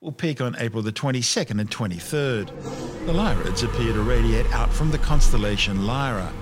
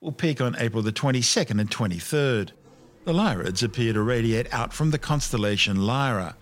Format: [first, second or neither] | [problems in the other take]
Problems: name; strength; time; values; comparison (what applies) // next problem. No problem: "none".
second | traffic noise; loud; throughout; 4 dB below the speech; faint in the second